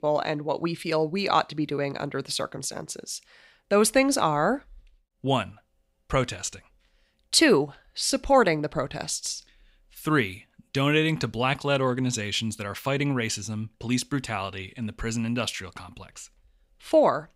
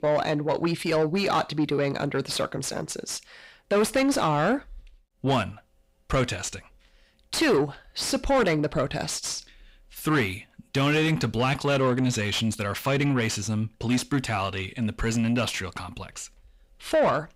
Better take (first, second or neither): first